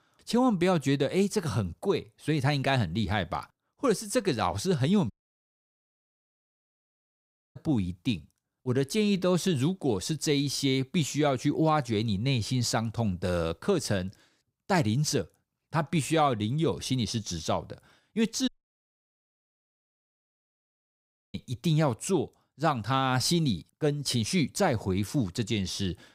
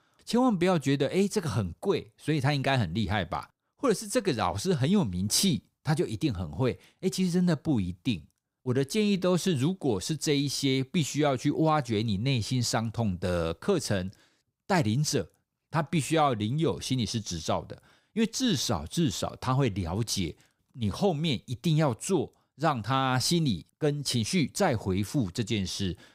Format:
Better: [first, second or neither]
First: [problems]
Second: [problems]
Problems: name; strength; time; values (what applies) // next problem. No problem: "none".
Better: second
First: audio cutting out; at 5 s for 2.5 s and at 18 s for 3 s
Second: none